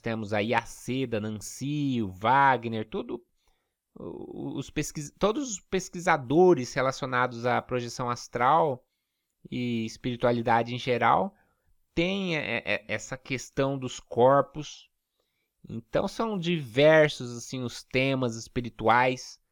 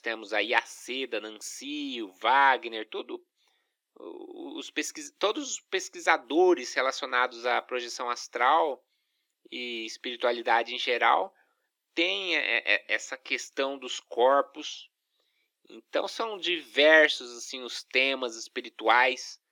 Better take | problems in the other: first | thin; somewhat; fading below 300 Hz

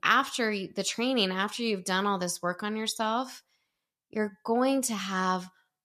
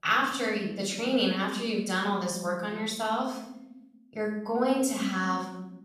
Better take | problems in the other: first | off-mic speech; far // room echo; noticeable; dies away in 1 s

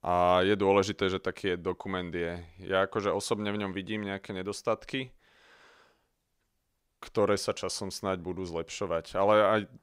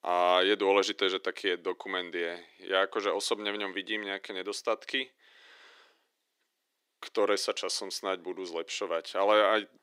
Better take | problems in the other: first | thin; somewhat; fading below 300 Hz

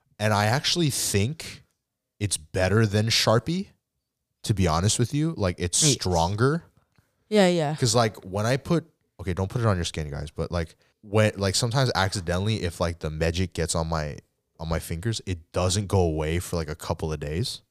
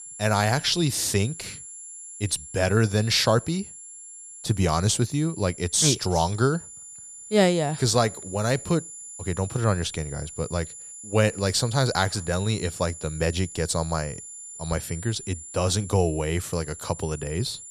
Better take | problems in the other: first | high-pitched whine; noticeable; throughout; 7 kHz, 15 dB below the speech

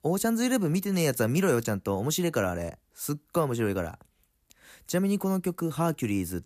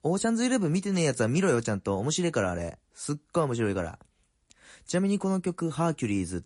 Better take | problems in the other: first | garbled, watery; slightly; nothing above 10.5 kHz

